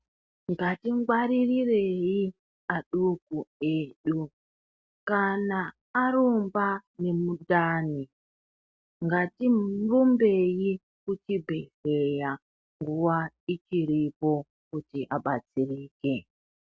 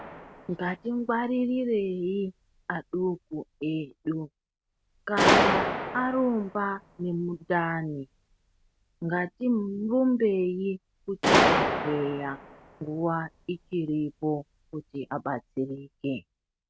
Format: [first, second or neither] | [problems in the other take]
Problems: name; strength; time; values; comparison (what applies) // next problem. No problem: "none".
first | background sound (Gunshot, gunfire); 2 dB below the speech